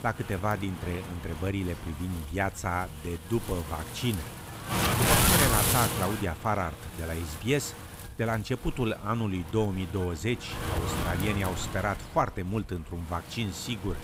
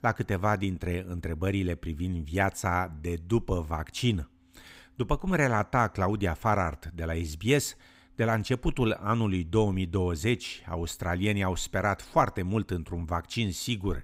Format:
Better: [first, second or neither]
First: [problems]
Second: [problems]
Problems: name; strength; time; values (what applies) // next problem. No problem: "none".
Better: second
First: wind noise on the microphone; heavy; 1 dB above the speech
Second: none